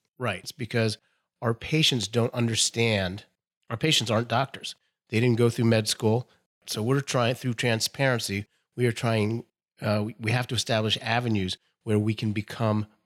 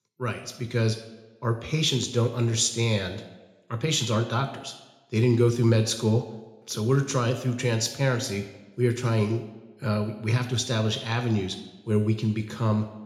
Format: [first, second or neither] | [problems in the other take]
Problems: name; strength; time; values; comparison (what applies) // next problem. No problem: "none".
first | room echo; slight; dies away in 0.6 s